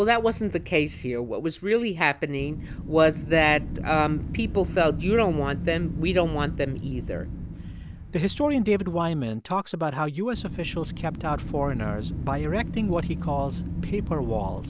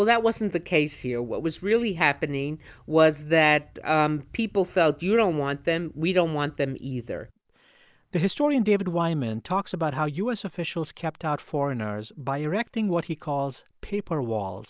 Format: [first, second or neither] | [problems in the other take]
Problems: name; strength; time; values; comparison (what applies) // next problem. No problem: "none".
second | background sound (Wind); 7 dB below the speech